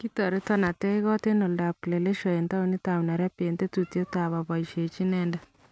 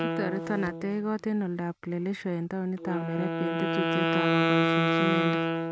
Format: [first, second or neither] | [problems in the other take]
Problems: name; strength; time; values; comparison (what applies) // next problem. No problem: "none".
first | background sound (Wind instrument, woodwind instrument); 3 dB above the speech